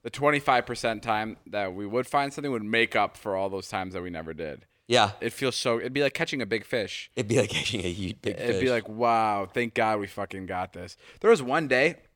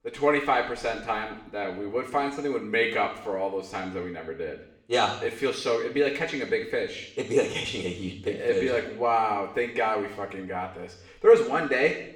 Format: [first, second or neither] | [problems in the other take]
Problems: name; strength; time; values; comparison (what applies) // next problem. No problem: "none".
first | room echo; noticeable; dies away in 0.7 s // off-mic speech; far